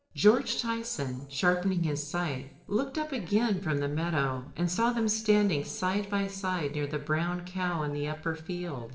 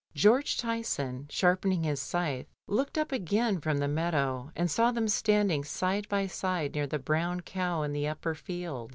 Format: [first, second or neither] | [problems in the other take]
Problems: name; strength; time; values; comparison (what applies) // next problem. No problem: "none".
second | noise reduction (neural separator model SepFormer DNS4)